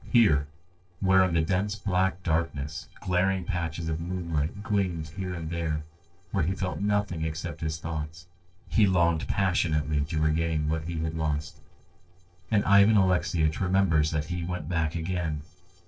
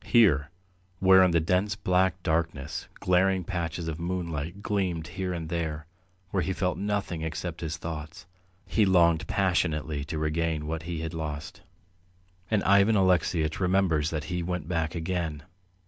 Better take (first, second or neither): second